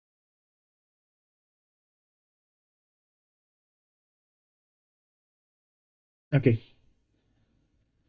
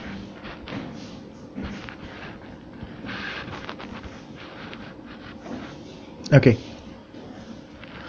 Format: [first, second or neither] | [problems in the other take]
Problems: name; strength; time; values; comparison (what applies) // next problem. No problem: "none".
second | noise reduction (neural mask model DeepFilterNet 3)